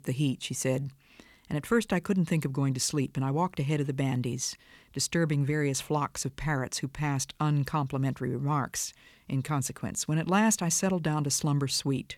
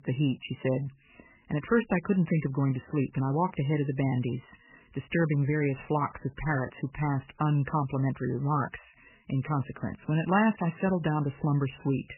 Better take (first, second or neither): first